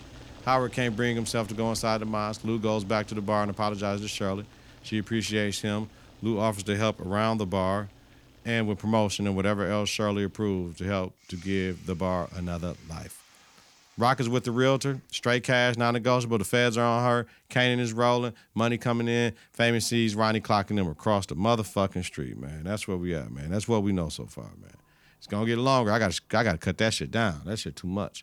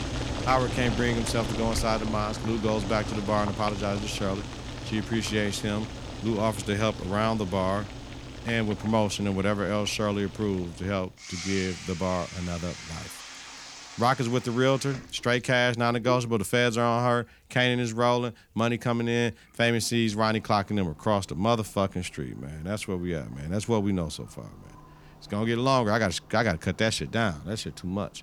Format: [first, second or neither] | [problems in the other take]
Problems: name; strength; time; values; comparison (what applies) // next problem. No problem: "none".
first | household noises; loud; throughout; 10 dB below the speech; faint in the first